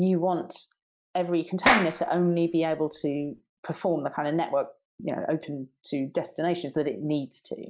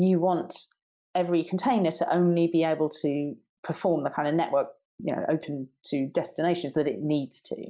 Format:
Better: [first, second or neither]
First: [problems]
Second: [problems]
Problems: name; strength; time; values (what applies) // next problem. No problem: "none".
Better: second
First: background sound (Clapping); 2 dB below the speech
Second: none